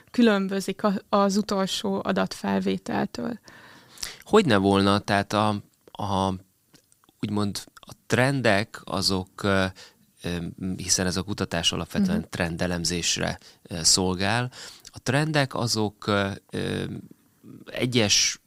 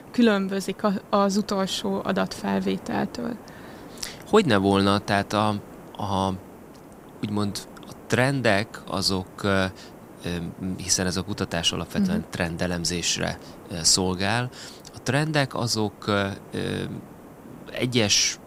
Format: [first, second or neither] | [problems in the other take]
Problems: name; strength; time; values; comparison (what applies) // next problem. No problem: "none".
first | hiss; faint; throughout; 20 dB below the speech